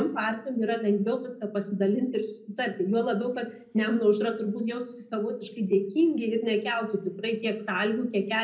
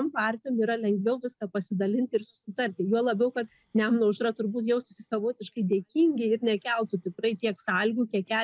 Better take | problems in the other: second | room echo; dies away in 0.4 s

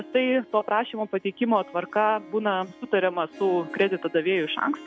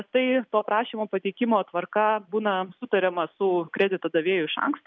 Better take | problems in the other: second | background sound (Harp); 19 dB below the speech

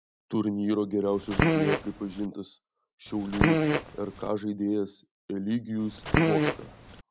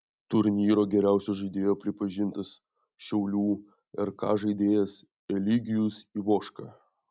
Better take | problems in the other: second | background sound (Fart); 4 dB above the speech

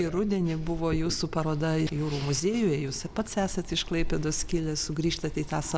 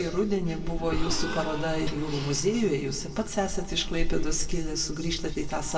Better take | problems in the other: first | background sound (Gasp); 15 dB below the speech // room echo; dies away in 1 s

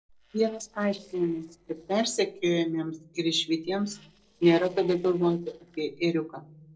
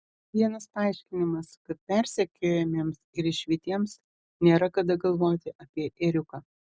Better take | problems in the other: second | noise reduction (neural separator model SepFormer DNS4)

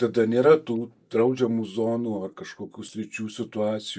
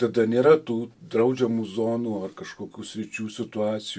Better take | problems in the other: second | noise reduction (neural mask model DeepFilterNet 3)

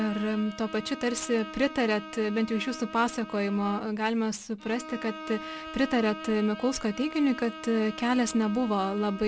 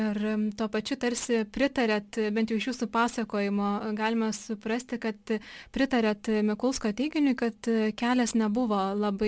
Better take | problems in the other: second | background sound (Bowed string instrument); 13 dB below the speech

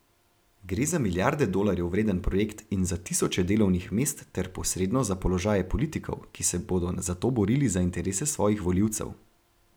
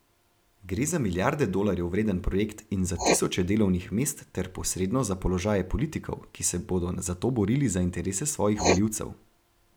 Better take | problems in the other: first | background sound (Writing); 9 dB below the speech

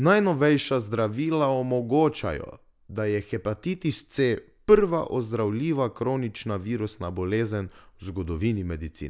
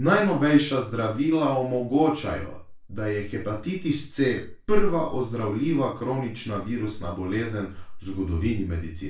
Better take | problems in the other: first | room echo; dies away in 0.3 s

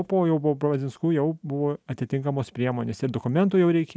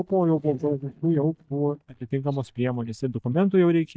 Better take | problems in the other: first | noise reduction (neural mask model DeepFilterNet 3)

